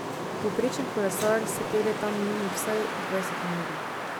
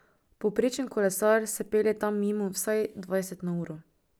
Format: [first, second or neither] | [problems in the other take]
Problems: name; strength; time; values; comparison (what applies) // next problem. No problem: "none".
second | background sound (Wind); 2 dB below the speech